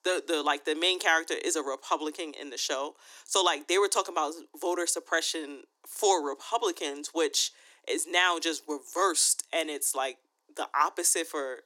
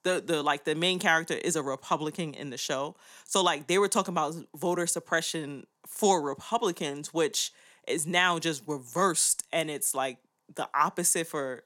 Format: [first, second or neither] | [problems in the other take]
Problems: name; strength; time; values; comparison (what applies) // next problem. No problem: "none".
second | thin; somewhat; fading below 300 Hz